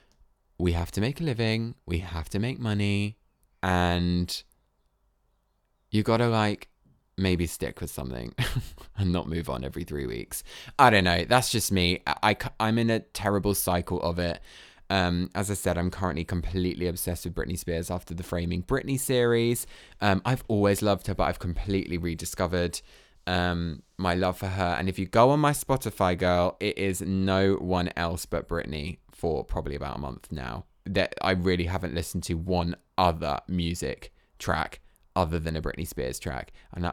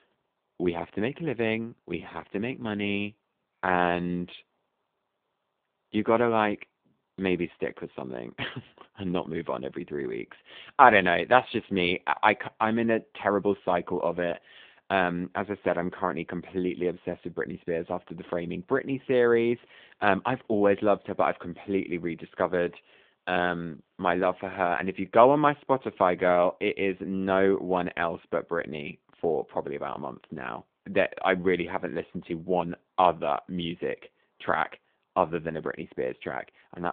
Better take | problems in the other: first | phone-call audio

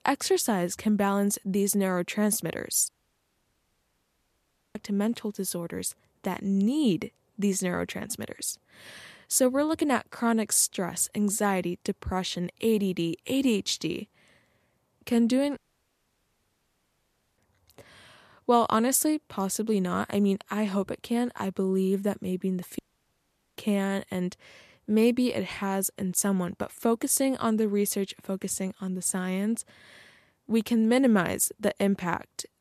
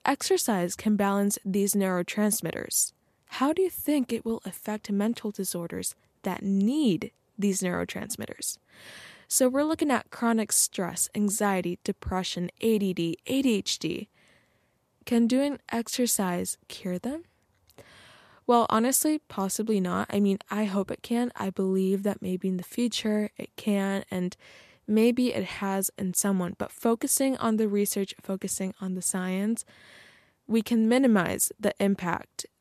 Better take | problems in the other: second | audio cutting out; at 3 s for 2 s, at 16 s for 2 s and at 23 s for 1 s

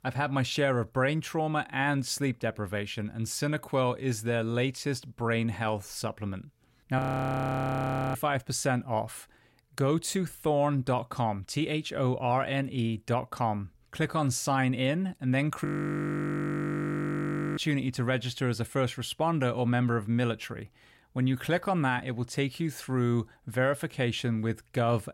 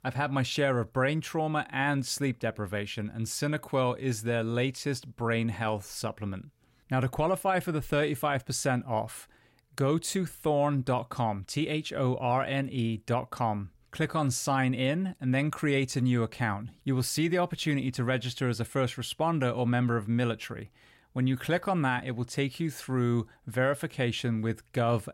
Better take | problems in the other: second | audio freezing; at 7 s for 1 s and at 16 s for 2 s

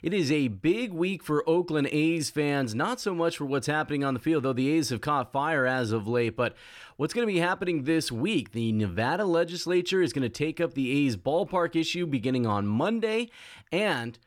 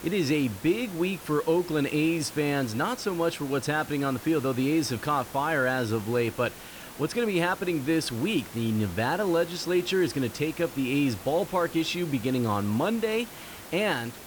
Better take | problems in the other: first | hiss; noticeable; throughout; 15 dB below the speech

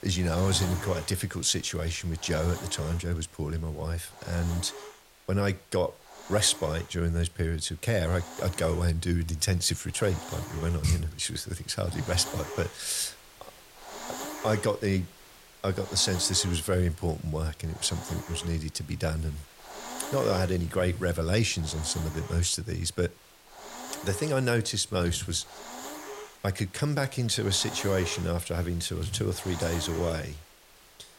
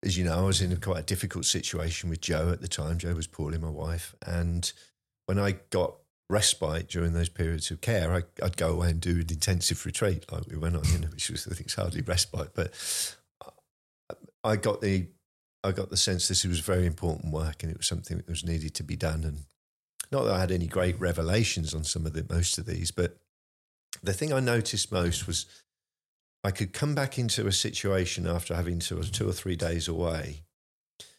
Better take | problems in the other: second | hiss; noticeable; throughout; 15 dB below the speech

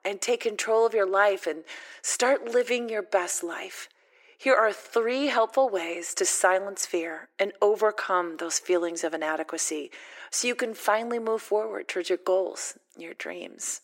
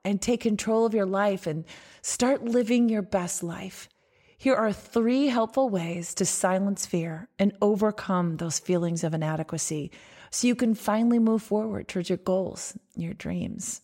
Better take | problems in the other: second | thin; very; fading below 350 Hz

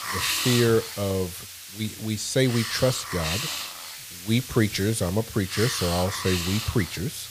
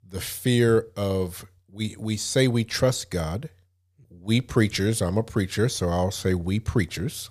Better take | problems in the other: second | hiss; loud; throughout; 5 dB below the speech

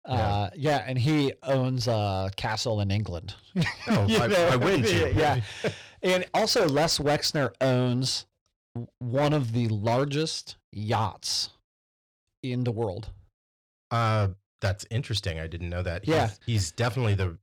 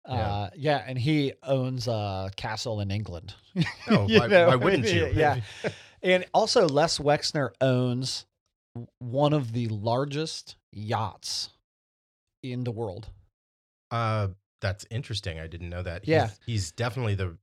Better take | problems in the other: second | distortion; heavy; 10% of the sound clipped

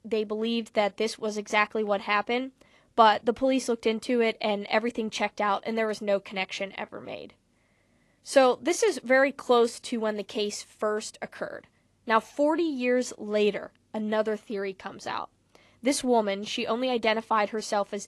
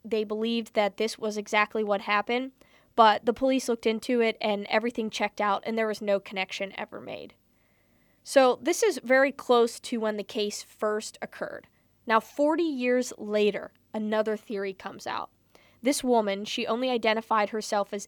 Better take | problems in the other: second | garbled, watery; slightly; nothing above 11.5 kHz

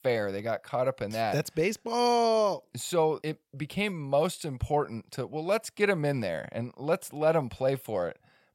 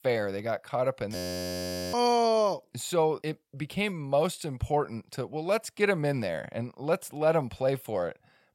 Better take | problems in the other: first | audio freezing; at 1 s for 1 s

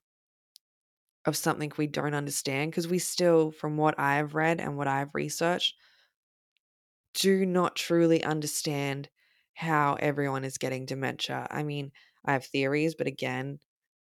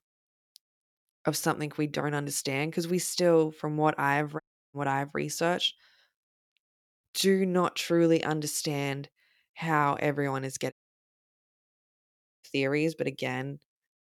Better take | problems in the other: first | audio cutting out; at 4.5 s and at 11 s for 1.5 s

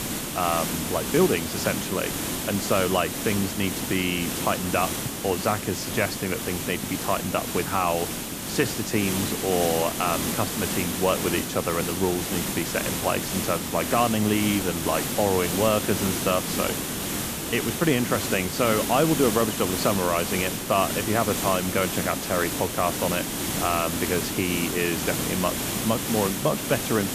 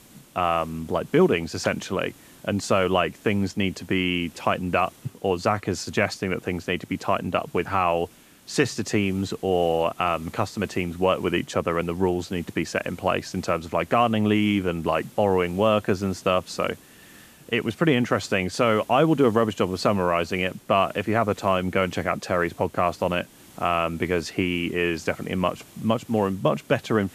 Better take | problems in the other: second | hiss; loud; throughout; 2 dB below the speech; faint in the second

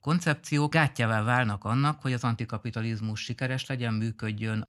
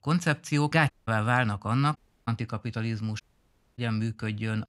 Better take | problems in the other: first | audio cutting out; at 1 s, at 2 s and at 3 s for 0.5 s

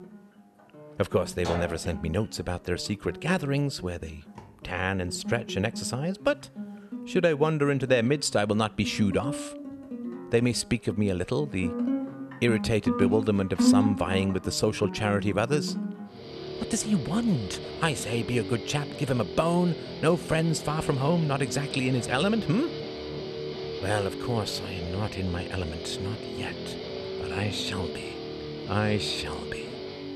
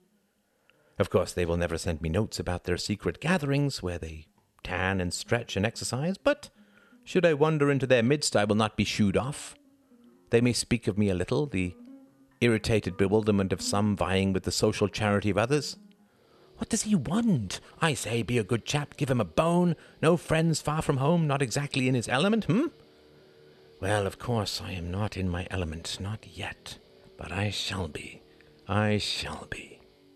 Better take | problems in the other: second | background music; loud; throughout; 6 dB below the speech; faint in the second

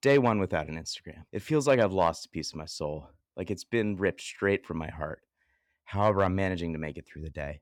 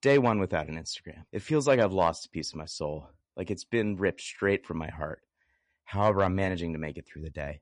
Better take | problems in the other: first | garbled, watery; slightly; nothing above 10 kHz

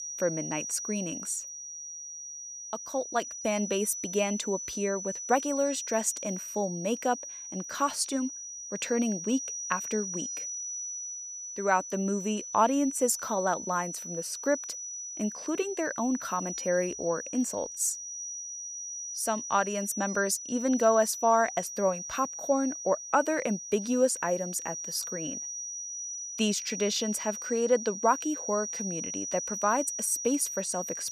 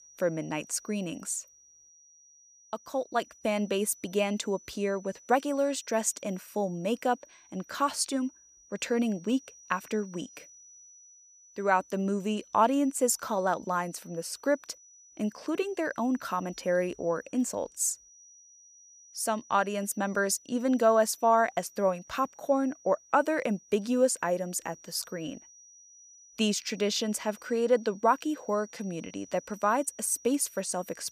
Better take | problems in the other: second | high-pitched whine; loud; throughout; 6 kHz, 6 dB below the speech; faint in the second

